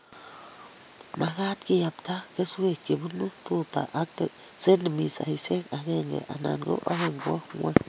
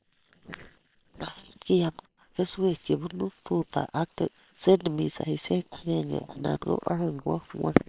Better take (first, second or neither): first